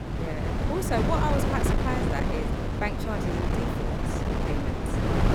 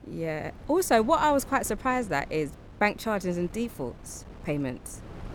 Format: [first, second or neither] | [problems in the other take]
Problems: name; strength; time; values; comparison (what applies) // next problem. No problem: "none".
second | wind noise on the microphone; heavy; as loud as the speech; occasional gusts in the second